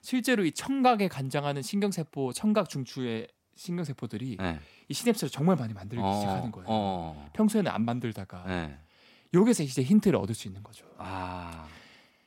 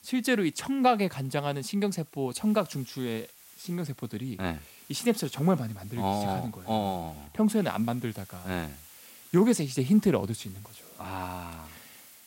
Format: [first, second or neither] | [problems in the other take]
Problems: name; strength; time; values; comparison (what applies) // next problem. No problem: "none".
first | hiss; faint; throughout; 20 dB below the speech